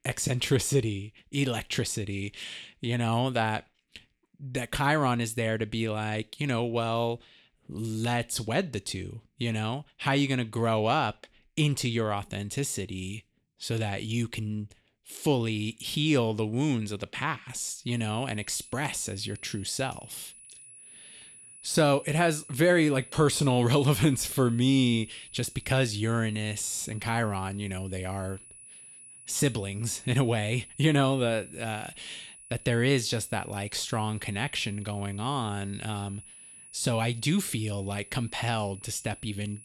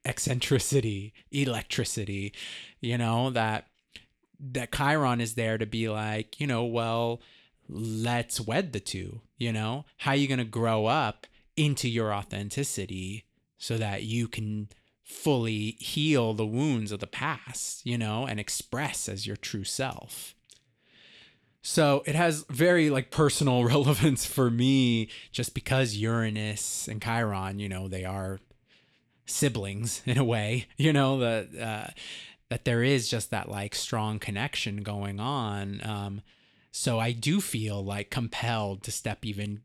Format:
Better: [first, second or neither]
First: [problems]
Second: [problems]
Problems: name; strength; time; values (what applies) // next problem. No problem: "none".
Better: second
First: high-pitched whine; noticeable; from 18 s on; 10 kHz, 20 dB below the speech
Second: none